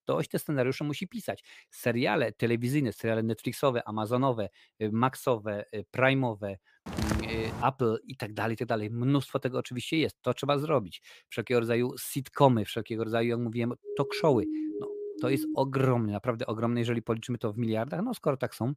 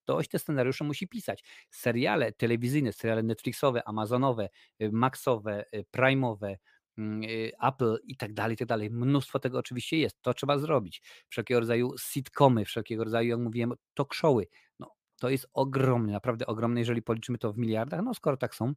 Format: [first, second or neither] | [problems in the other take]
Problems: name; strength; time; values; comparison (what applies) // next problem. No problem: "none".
second | footsteps; noticeable; at 7 s; peak 3 dB below the speech // siren; noticeable; from 14 to 16 s; peak 4 dB below the speech